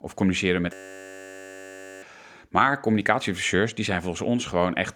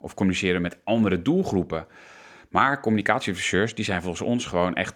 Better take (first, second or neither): second